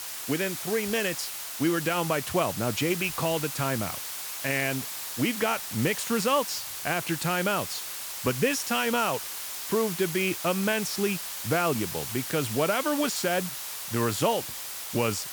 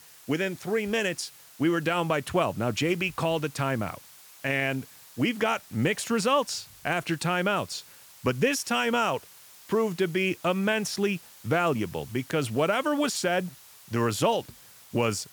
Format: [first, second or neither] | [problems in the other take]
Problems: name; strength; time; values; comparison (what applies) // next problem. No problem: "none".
second | hiss; loud; throughout; 5 dB below the speech; faint in the second